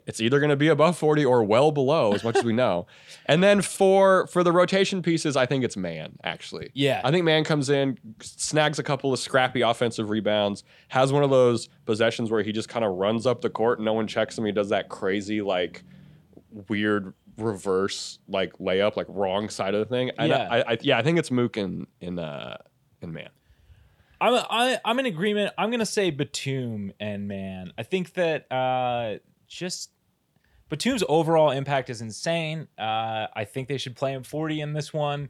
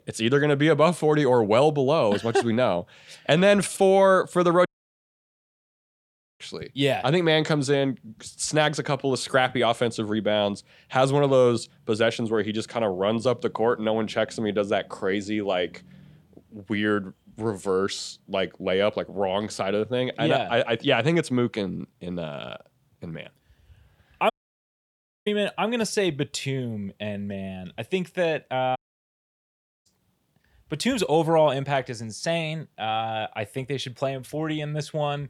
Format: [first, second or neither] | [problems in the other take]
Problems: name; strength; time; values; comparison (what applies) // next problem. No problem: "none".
first | audio cutting out; at 4.5 s for 1.5 s, at 24 s for 1 s and at 29 s for 1 s